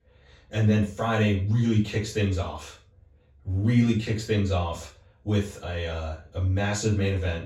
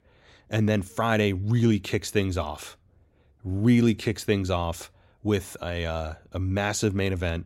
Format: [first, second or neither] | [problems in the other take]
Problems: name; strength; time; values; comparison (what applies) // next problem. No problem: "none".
second | room echo; noticeable; dies away in 0.3 s // off-mic speech; far